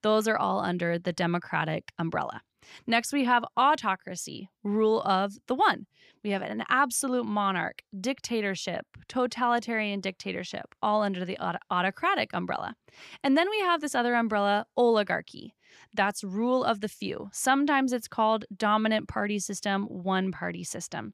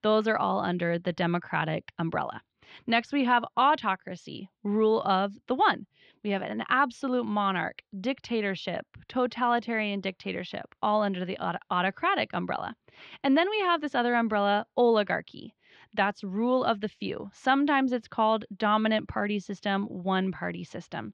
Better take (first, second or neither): first